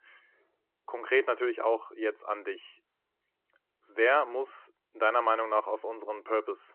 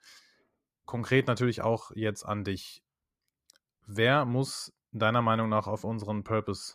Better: second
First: phone-call audio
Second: none

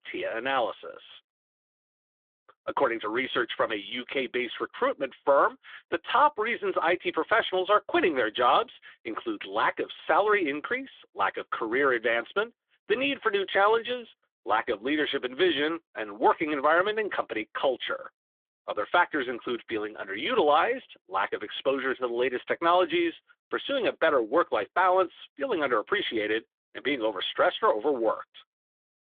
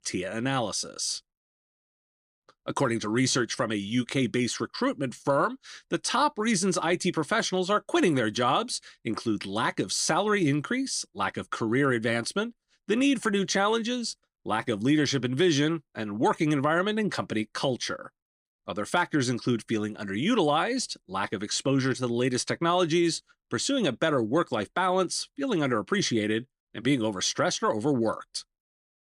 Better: second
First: phone-call audio; nothing above 3.5 kHz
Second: none

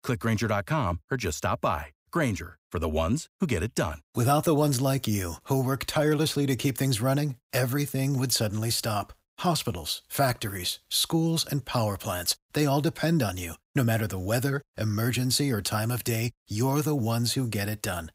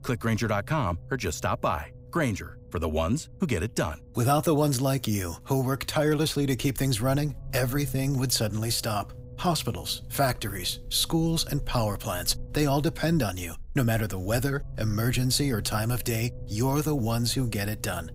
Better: first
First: none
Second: low rumble; faint; throughout; 25 dB below the speech

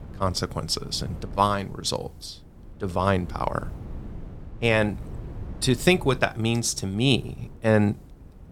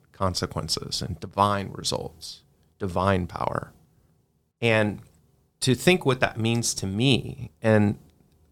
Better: second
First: wind noise on the microphone; occasional gusts; 25 dB below the speech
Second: none

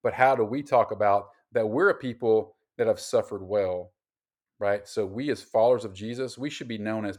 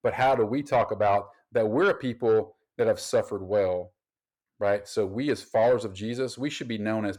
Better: first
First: none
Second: distortion; slight; 10 dB below the speech

